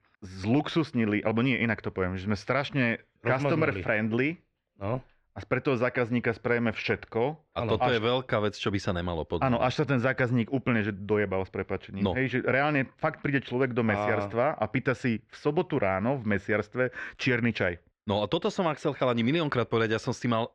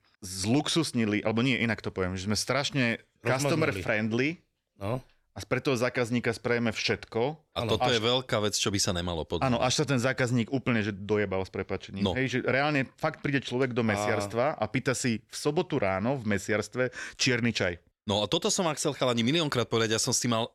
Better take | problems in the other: second | muffled; very; fading above 2 kHz

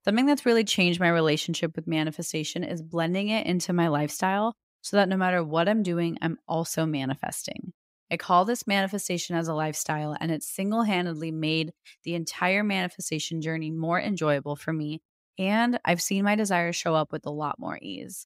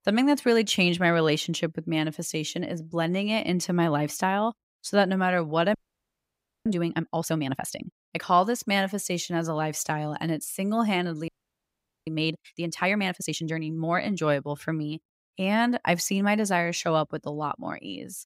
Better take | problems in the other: first | audio freezing; at 5.5 s for 1 s and at 11 s for 1 s

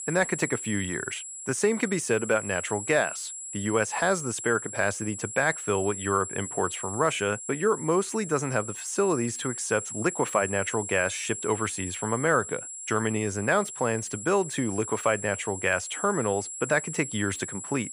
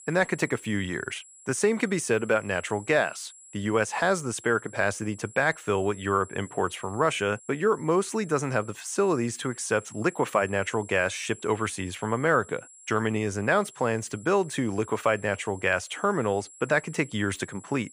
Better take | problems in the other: second | high-pitched whine; loud; throughout; 7.5 kHz, 7 dB below the speech; faint in the second

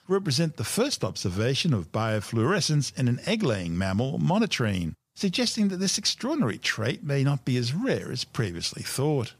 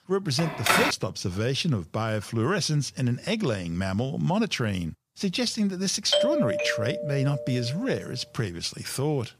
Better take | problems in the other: first | phone ringing; loud; at 0.5 s; peak 5 dB above the speech // doorbell; loud; from 6 to 7.5 s; peak 4 dB above the speech

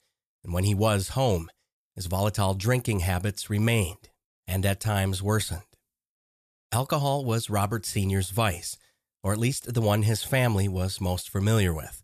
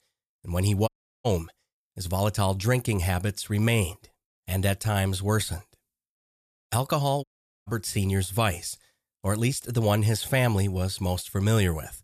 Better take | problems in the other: first | audio cutting out; at 1 s and at 7 s

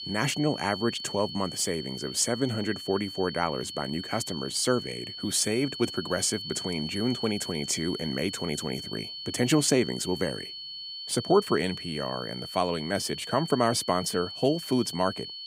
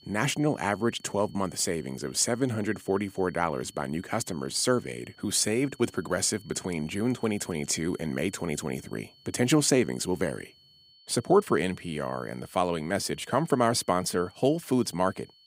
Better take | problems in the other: second | high-pitched whine; loud; throughout; 4.5 kHz, 8 dB below the speech; faint in the second

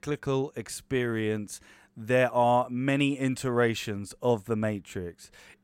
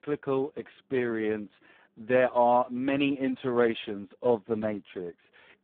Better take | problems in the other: first | phone-call audio; poor line

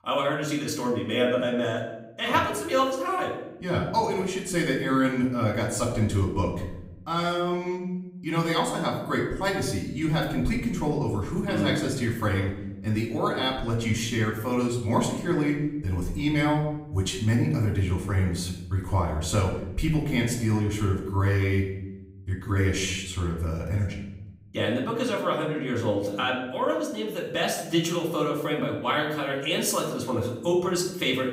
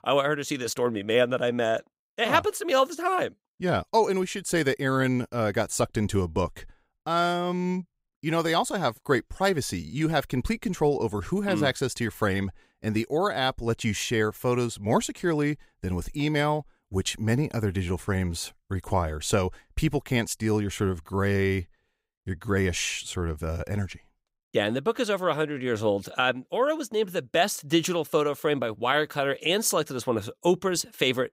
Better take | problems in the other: second | off-mic speech; far // room echo; slight; dies away in 0.8 s

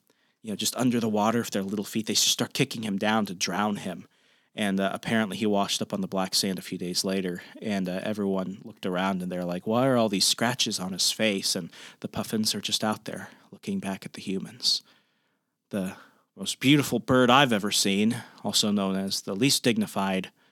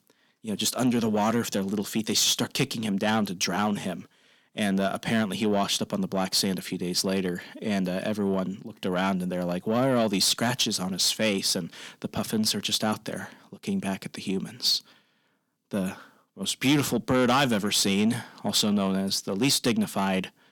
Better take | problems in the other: first | distortion; slight; 10 dB below the speech

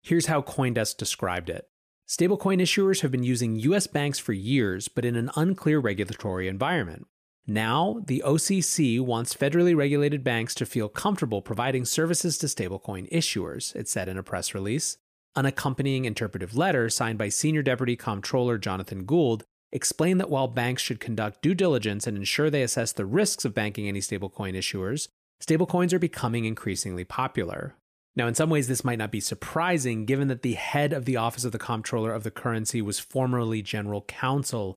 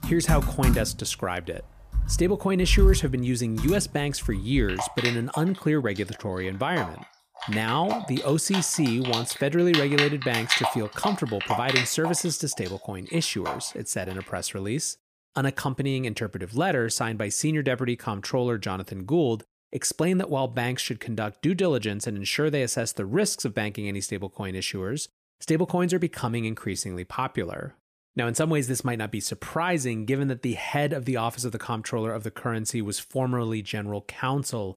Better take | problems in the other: first | household noises; loud; until 14 s; 2 dB below the speech

